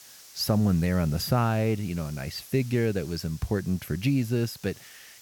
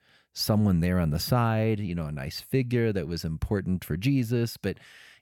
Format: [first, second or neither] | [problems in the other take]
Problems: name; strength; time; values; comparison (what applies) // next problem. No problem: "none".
second | hiss; faint; throughout; 20 dB below the speech